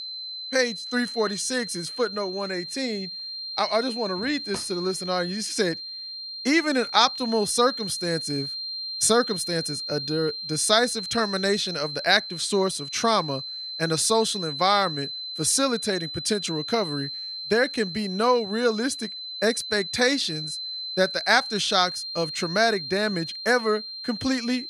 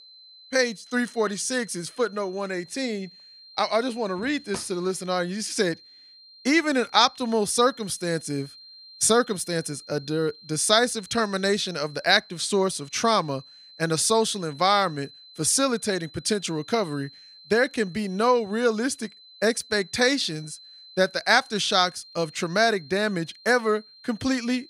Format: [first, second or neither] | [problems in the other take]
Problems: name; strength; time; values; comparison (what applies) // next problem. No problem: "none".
second | high-pitched whine; loud; throughout; 4 kHz, 7 dB below the speech; faint in the second